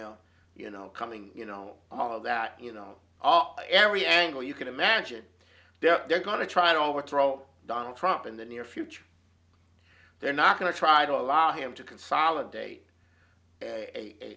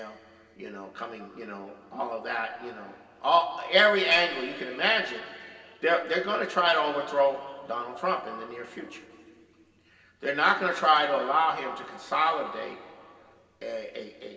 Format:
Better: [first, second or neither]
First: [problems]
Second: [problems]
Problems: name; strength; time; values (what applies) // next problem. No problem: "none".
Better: first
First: none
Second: room echo; dies away in 2.3 s